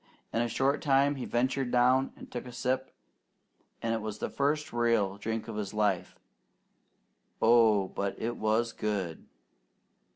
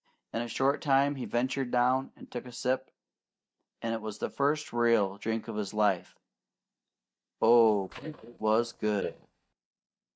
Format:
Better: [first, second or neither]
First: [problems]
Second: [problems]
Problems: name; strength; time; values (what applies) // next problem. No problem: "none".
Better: first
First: none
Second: noise reduction (neural mask model DeepFilterNet 3)